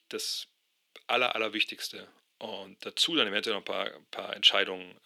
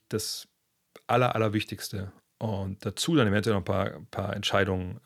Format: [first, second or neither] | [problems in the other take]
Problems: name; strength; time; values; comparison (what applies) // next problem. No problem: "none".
second | thin; somewhat; fading below 300 Hz